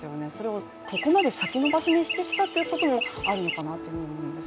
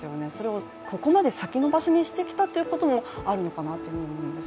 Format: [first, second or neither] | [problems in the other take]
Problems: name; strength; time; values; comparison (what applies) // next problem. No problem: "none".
second | background sound (Chirp, tweet); 6 dB below the speech